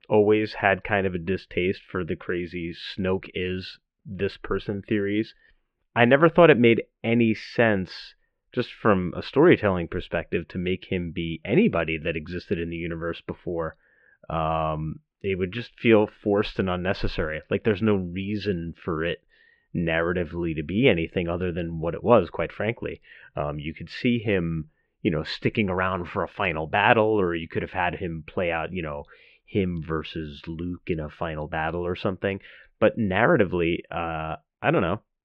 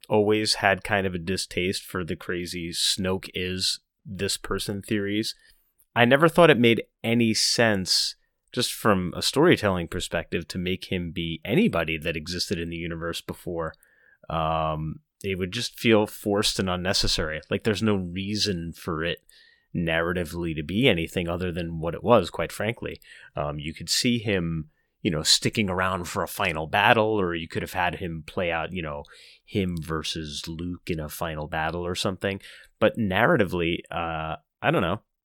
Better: second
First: muffled; very; fading above 2.5 kHz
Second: none

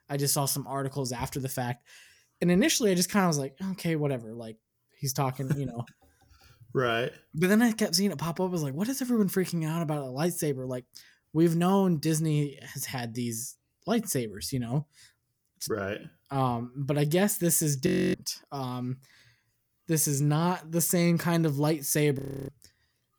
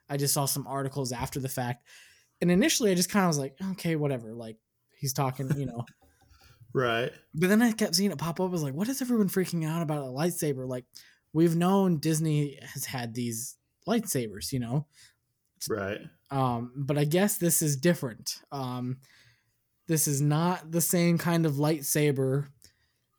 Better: second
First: audio freezing; at 18 s and at 22 s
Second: none

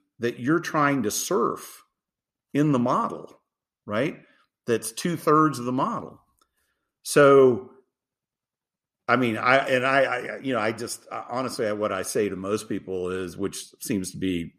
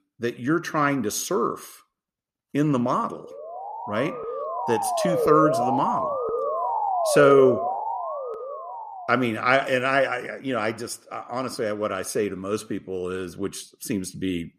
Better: first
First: none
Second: siren; loud; from 3.5 to 9 s; peak 2 dB above the speech

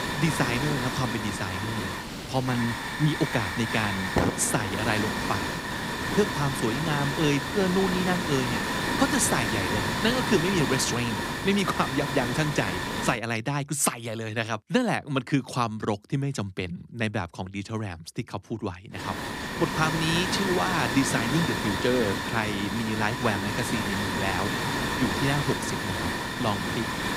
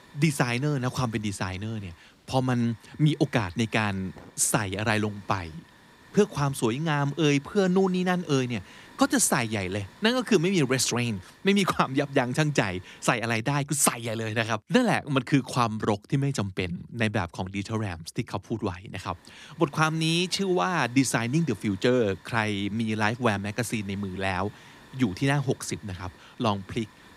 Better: second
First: hiss; loud; until 13 s and from 19 s on; 1 dB below the speech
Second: hiss; faint; until 13 s and from 19 s on; 25 dB below the speech

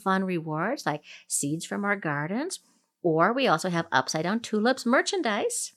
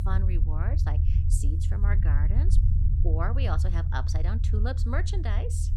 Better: first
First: none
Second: low rumble; loud; throughout; 5 dB below the speech

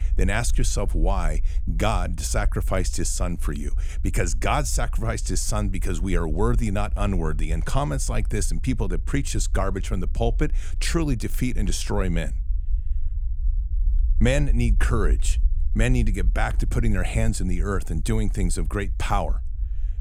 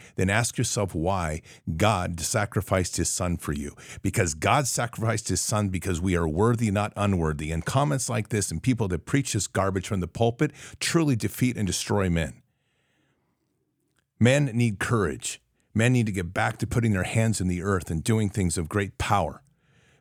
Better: second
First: low rumble; faint; throughout; 20 dB below the speech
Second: none

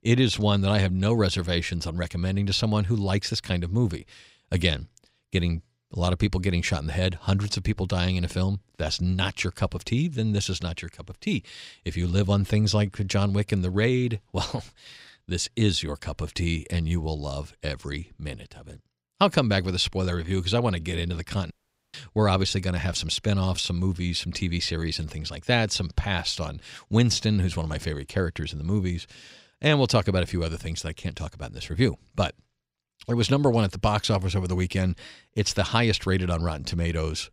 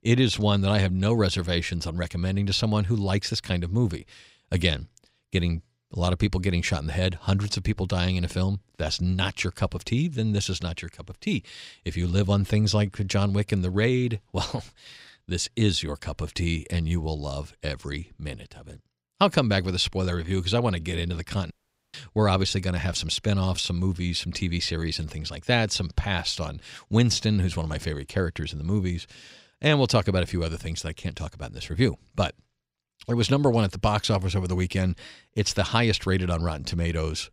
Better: neither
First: audio cutting out; at 22 s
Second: audio cutting out; at 22 s

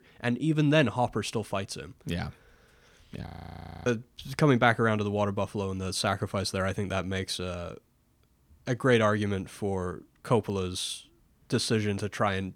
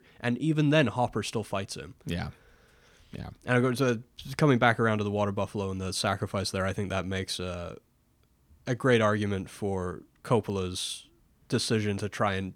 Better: second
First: audio freezing; at 3.5 s for 0.5 s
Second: none

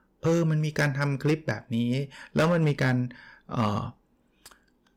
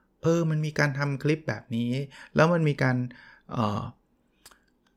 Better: second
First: distortion; slight; 4% of the sound clipped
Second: none

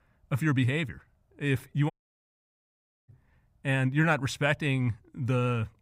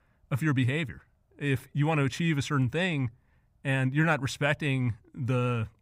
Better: second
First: audio cutting out; at 2 s for 1 s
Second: none

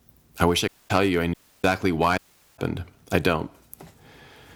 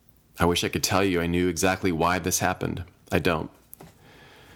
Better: second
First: audio cutting out; at 0.5 s, at 1.5 s and at 2 s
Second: none

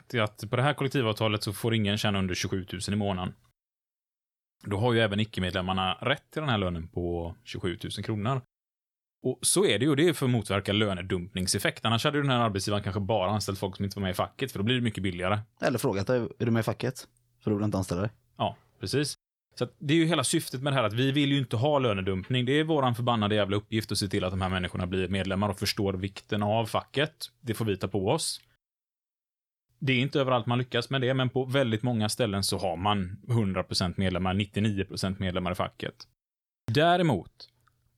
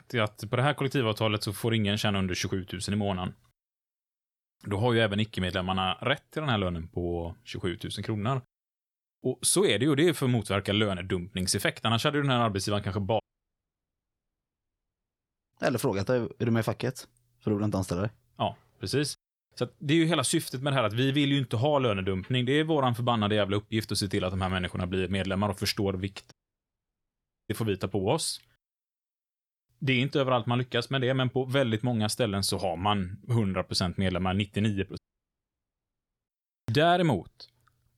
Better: first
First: none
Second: audio cutting out; at 13 s for 2.5 s, at 26 s for 1 s and at 35 s for 1.5 s

